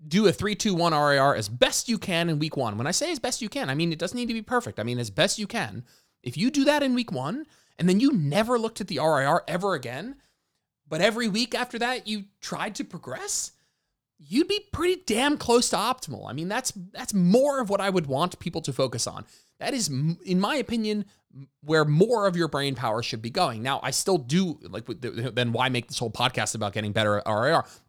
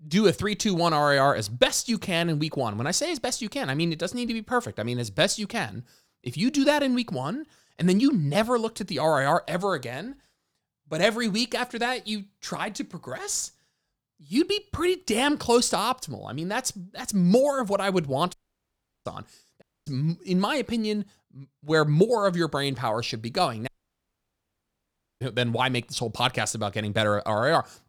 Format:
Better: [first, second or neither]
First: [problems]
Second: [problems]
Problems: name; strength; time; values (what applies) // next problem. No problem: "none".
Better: first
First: none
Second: audio cutting out; at 18 s for 0.5 s, at 20 s and at 24 s for 1.5 s